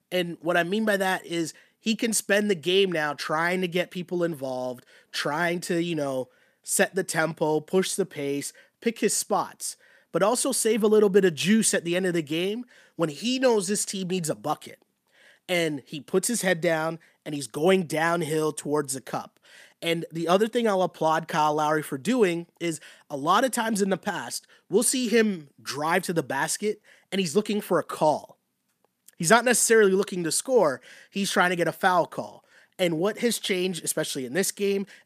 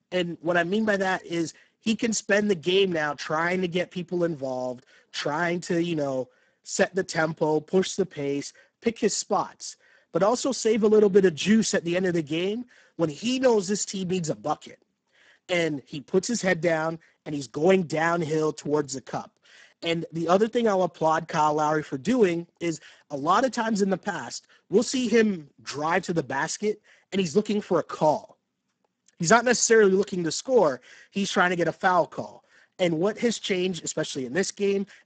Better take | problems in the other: first | garbled, watery; badly; nothing above 7.5 kHz

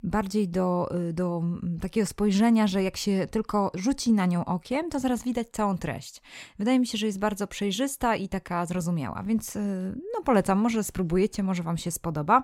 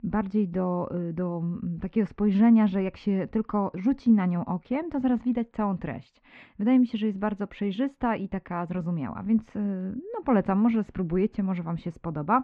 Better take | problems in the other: first | muffled; very; fading above 2.5 kHz

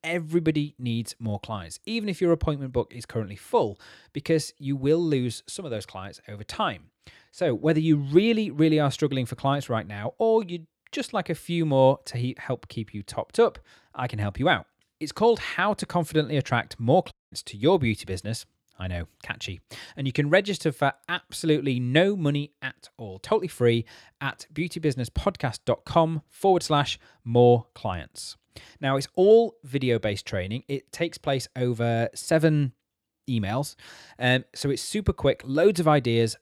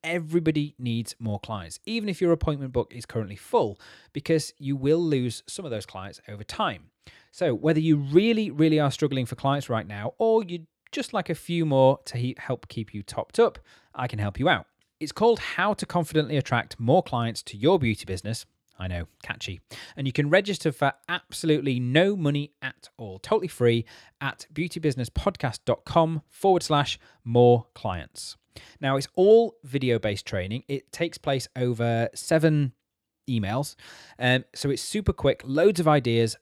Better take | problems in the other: second | audio cutting out; at 17 s

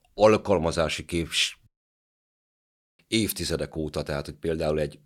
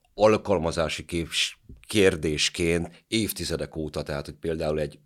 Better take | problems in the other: second | audio cutting out; at 1.5 s for 1.5 s

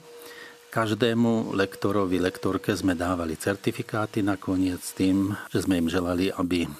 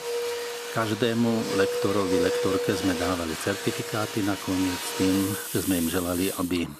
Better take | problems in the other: first | household noises; loud; throughout; 3 dB below the speech; faint in the first

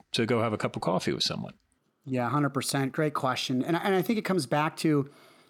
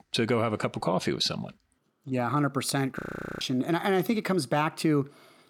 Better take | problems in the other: first | audio freezing; at 3 s

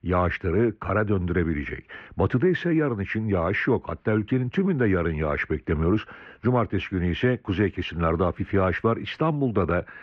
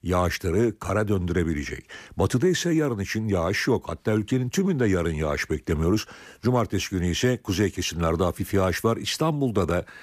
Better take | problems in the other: second | muffled; very; fading above 2.5 kHz

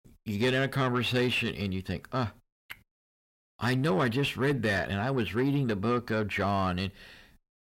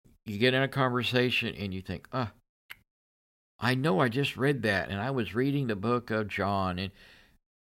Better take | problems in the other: second | distortion; slight; 10 dB below the speech

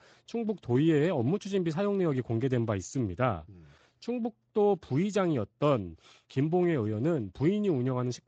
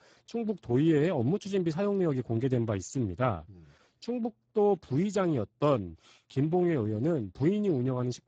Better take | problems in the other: first | garbled, watery; badly; nothing above 7.5 kHz; slightly in the first

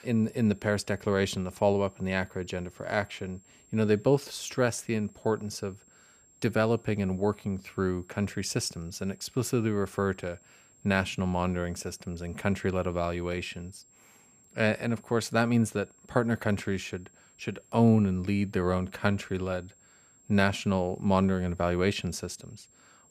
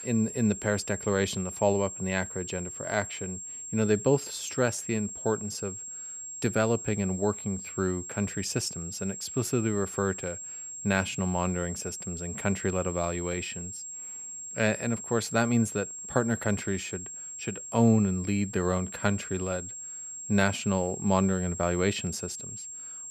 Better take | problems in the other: first | high-pitched whine; loud; throughout; 7.5 kHz, 8 dB below the speech; faint in the first

